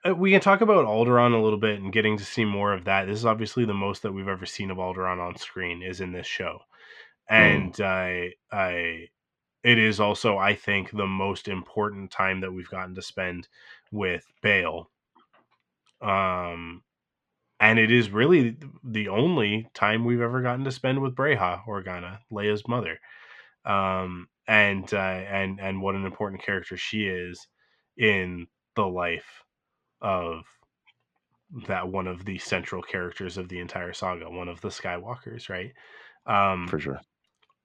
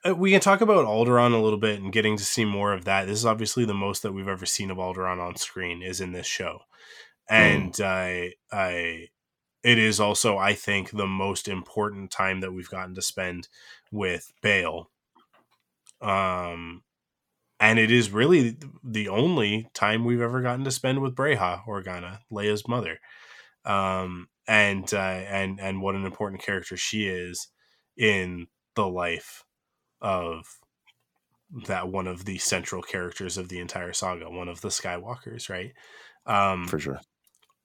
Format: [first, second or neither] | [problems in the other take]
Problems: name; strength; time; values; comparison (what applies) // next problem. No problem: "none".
second | muffled; slightly; fading above 2.5 kHz